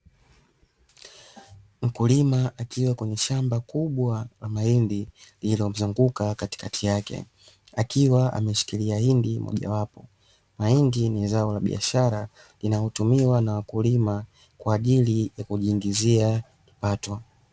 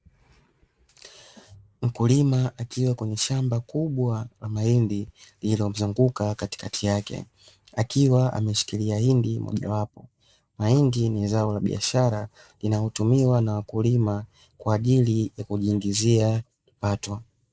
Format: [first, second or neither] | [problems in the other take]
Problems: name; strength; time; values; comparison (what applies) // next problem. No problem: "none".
first | noise reduction (neural mask model Resemble Enhance denoiser)